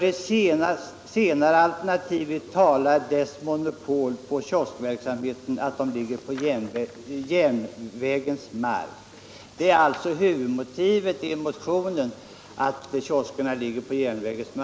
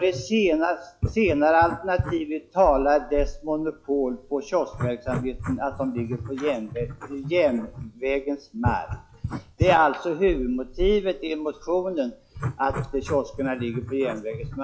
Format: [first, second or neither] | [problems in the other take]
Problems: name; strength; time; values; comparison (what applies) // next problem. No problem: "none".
first | noise reduction (classical method log-MMSE)